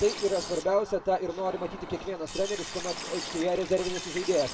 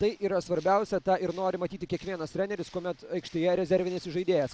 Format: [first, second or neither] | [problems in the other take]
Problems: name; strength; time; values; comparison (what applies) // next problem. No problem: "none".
second | background sound (Liquid); 10 dB below the speech // room echo; dies away in 1.1 s